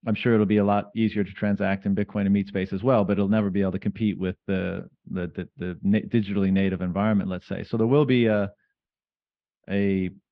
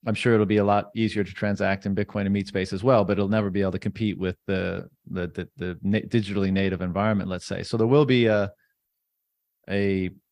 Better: second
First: muffled; slightly; fading above 3 kHz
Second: none

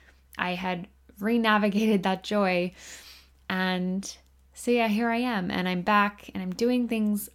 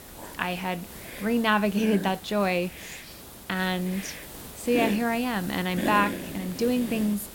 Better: first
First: none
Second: hiss; loud; throughout; 10 dB below the speech

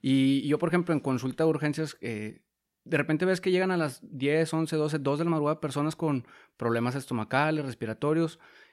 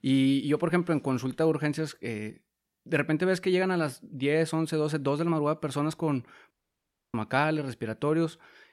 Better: first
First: none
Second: audio cutting out; at 6.5 s for 0.5 s

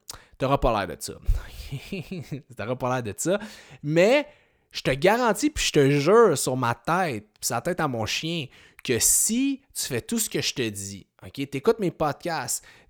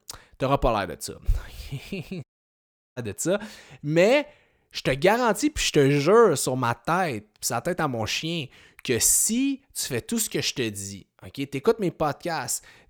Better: first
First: none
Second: audio cutting out; at 2 s for 0.5 s

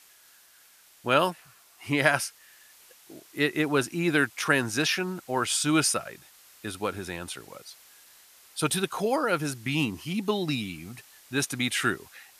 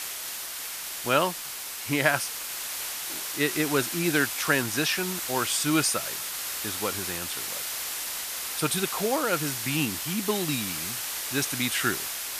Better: first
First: hiss; faint; throughout; 25 dB below the speech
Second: hiss; loud; throughout; 3 dB below the speech

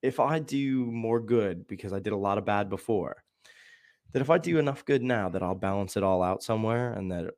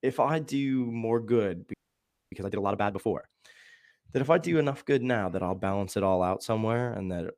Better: first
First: none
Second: audio freezing; at 1.5 s for 0.5 s

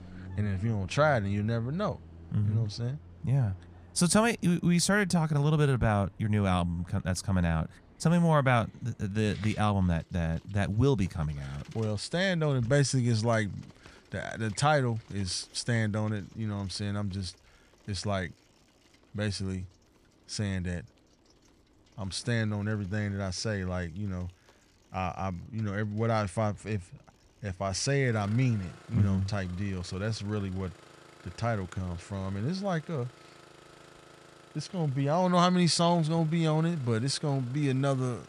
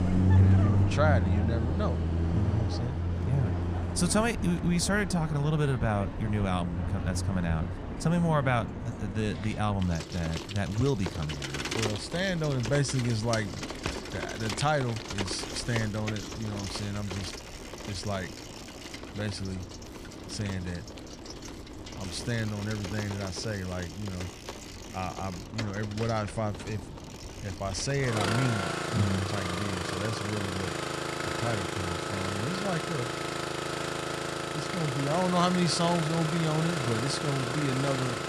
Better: first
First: traffic noise; faint; throughout; 25 dB below the speech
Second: traffic noise; loud; throughout; 2 dB below the speech

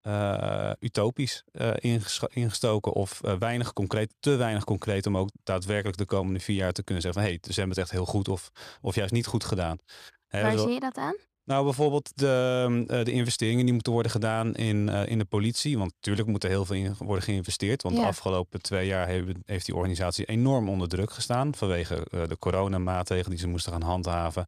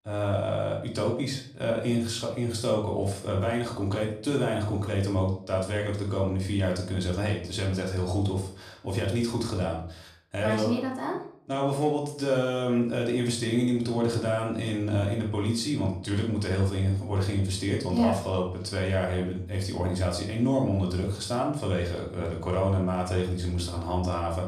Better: first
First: none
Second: off-mic speech; far // room echo; slight; dies away in 0.4 s

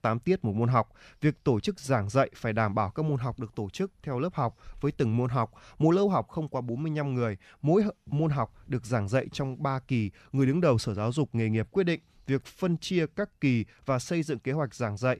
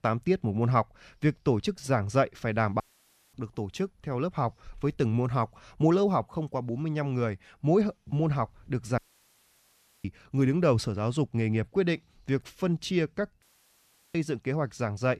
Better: first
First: none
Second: audio cutting out; at 3 s for 0.5 s, at 9 s for 1 s and at 13 s for 0.5 s

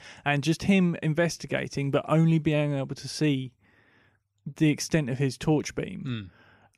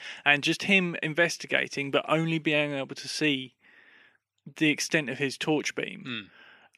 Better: first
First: none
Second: thin; somewhat; fading below 250 Hz

